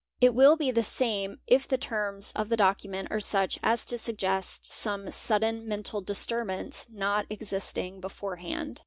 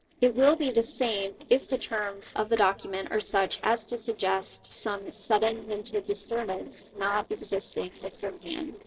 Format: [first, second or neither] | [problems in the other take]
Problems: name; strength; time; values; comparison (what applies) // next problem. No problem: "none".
first | noise reduction (neural separator model SepFormer DNS4)